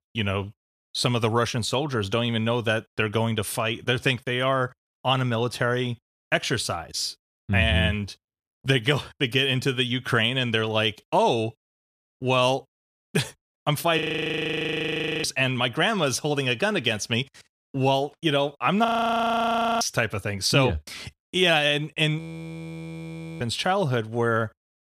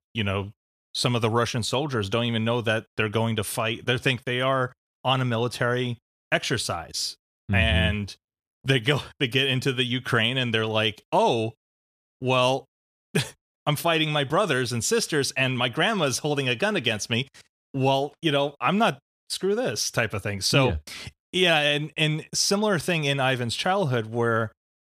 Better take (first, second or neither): second